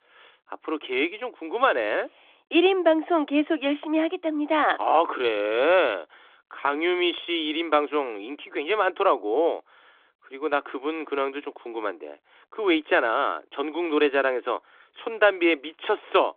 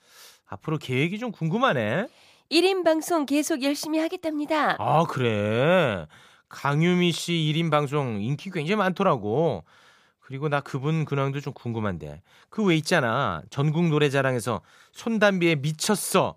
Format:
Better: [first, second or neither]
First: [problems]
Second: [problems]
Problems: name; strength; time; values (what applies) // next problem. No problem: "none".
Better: second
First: phone-call audio; nothing above 3.5 kHz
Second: none